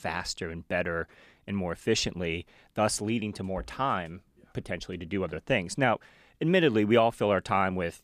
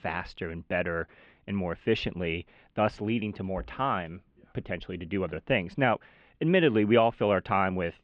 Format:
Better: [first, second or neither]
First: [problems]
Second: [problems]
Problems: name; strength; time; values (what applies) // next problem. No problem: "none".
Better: first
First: none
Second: muffled; very; fading above 3 kHz